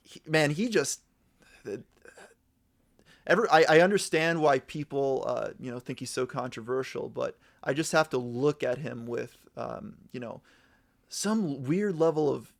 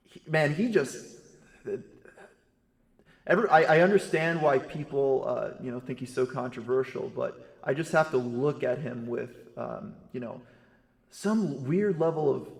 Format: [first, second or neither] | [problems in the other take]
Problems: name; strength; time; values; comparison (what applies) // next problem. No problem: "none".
first | room echo; slight; dies away in 1.1 s